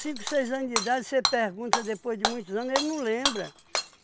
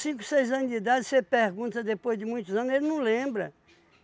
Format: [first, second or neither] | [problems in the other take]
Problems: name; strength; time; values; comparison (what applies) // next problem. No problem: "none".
second | background sound (Shatter / Hammer); 3 dB below the speech